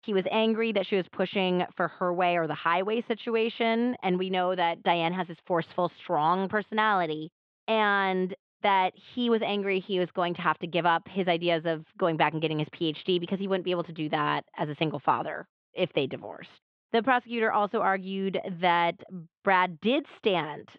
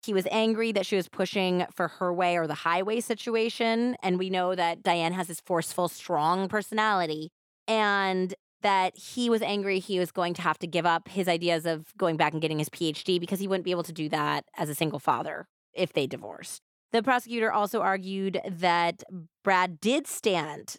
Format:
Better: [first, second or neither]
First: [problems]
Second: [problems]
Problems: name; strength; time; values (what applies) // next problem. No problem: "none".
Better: second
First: muffled; very; fading above 3.5 kHz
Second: none